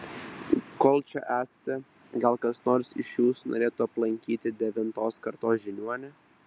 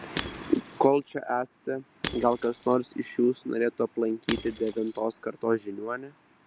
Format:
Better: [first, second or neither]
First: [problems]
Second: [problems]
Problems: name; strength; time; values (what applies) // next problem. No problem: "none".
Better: first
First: none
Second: background sound (Shatter / Crushing); 14 dB below the speech